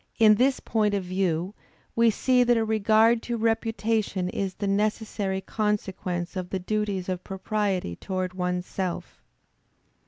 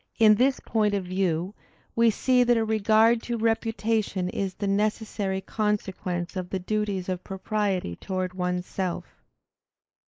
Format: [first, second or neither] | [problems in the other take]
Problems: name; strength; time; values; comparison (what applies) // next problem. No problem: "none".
first | noise reduction (neural mask model Resemble Enhance denoiser)